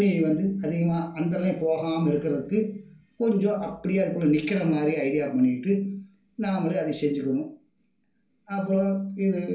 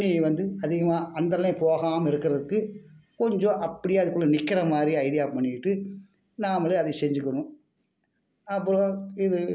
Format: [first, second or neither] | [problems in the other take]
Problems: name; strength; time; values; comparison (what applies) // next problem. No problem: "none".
second | room echo; dies away in 0.3 s